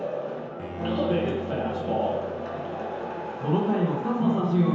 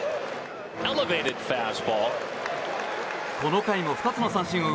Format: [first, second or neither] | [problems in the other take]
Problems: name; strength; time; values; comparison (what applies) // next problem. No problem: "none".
second | background sound (Bowed string instrument); 15 dB below the speech // room echo; dies away in 0.9 s